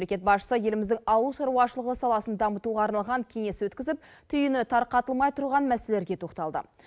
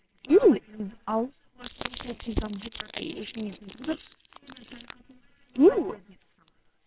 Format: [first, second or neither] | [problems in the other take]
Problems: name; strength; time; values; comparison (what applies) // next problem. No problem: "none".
first | noise reduction (neural separator model SepFormer WHAMR!)